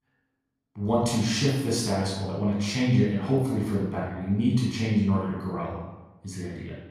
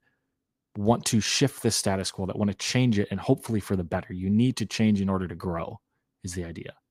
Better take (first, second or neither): second